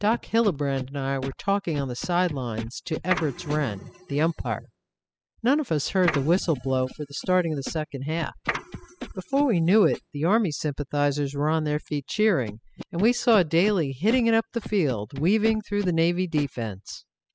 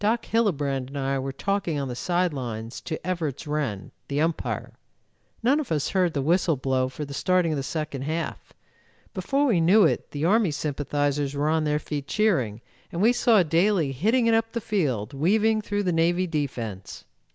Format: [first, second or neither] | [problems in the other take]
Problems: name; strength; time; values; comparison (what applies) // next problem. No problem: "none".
second | noise reduction (classical method spectral subtraction)